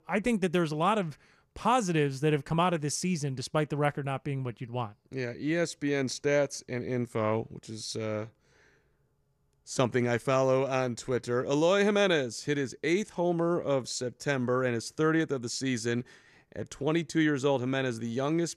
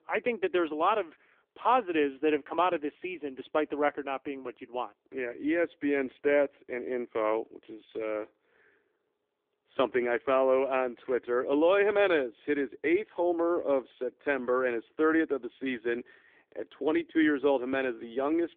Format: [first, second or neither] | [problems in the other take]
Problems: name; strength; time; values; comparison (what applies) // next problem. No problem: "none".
first | phone-call audio; nothing above 3.5 kHz